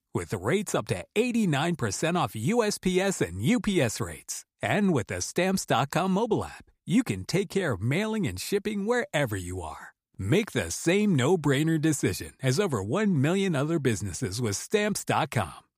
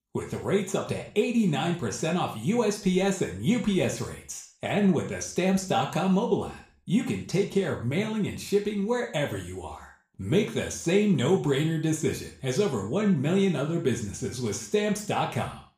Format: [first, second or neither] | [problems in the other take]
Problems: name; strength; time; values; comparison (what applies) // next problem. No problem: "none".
first | room echo; slight; dies away in 0.4 s // off-mic speech; somewhat distant